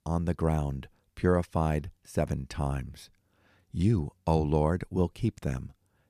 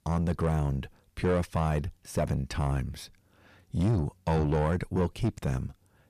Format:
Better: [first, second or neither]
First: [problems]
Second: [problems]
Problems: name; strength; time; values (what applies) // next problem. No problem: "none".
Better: first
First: none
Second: distortion; heavy; 7 dB below the speech